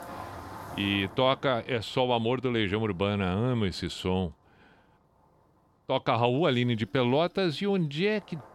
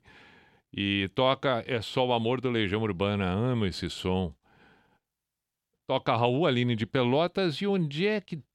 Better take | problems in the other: second | traffic noise; faint; throughout; 20 dB below the speech

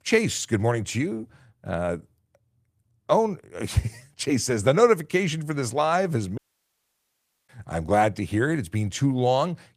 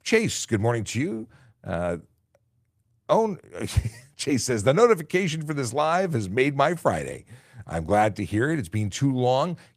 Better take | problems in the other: second | audio cutting out; at 6.5 s for 1 s

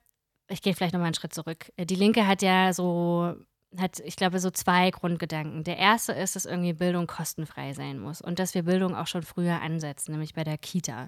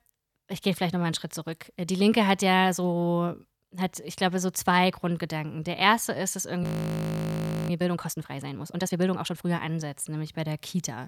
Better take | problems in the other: first | audio freezing; at 6.5 s for 1 s

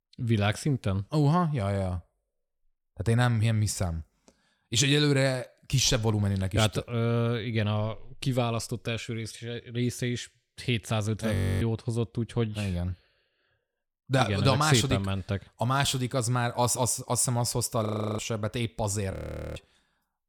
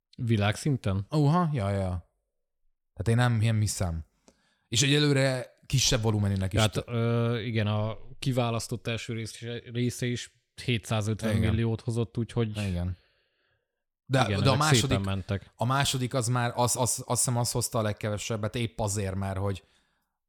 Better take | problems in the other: second | audio freezing; at 11 s, at 18 s and at 19 s

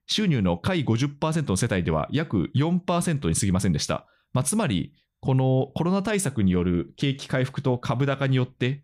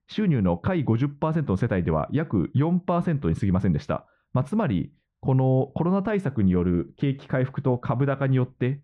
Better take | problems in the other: first | muffled; very; fading above 4 kHz

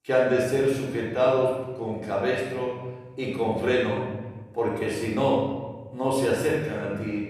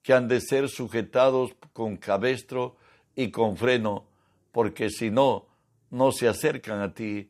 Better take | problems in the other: second | off-mic speech; far // room echo; noticeable; dies away in 1.4 s

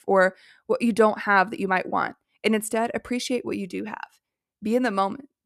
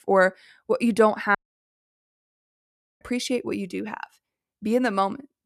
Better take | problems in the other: first | audio cutting out; at 1.5 s for 1.5 s

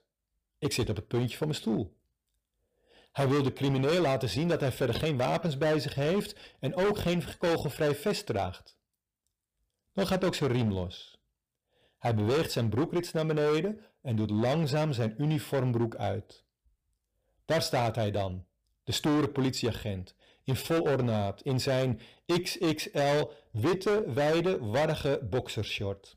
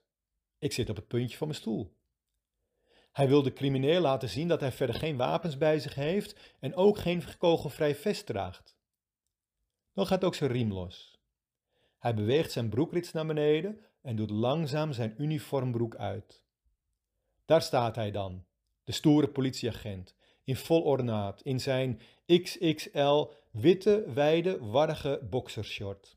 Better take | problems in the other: second | distortion; heavy; 14% of the sound clipped

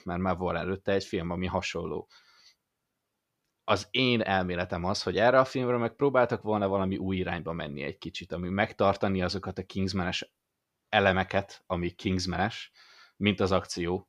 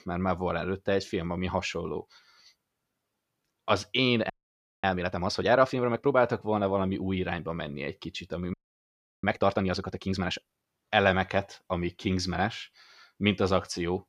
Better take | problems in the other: first | audio freezing; at 4.5 s for 0.5 s and at 8.5 s for 0.5 s

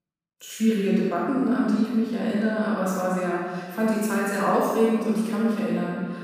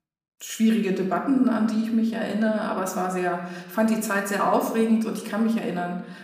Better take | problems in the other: second | room echo; strong; dies away in 1.8 s; slight in the second // off-mic speech; far; far in the second

